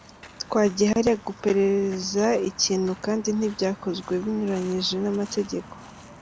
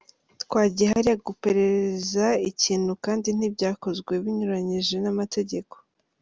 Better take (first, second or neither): second